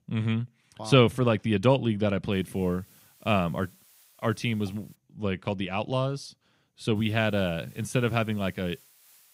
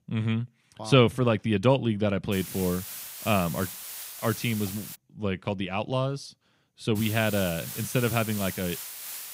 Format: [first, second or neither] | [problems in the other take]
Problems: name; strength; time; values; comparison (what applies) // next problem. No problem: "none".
first | hiss; loud; from 2.5 to 5 s and from 7 s on; 9 dB below the speech; faint in the first